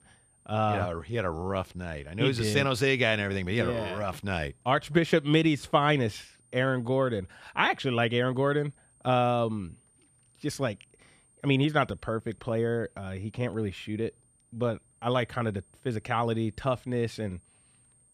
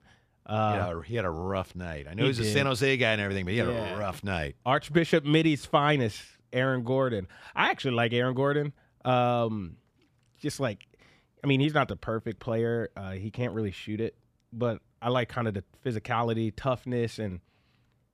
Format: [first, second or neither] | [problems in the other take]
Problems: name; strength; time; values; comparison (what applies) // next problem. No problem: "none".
second | high-pitched whine; faint; throughout; 8.5 kHz, 35 dB below the speech